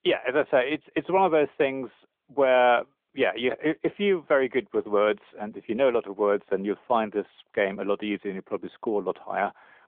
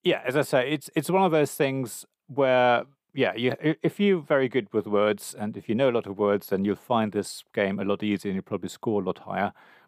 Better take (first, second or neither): second